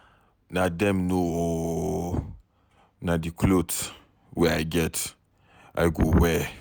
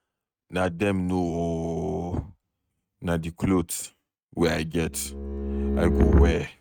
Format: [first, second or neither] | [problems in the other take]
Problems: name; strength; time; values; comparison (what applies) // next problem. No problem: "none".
first | noise reduction (neural mask model RNNoise)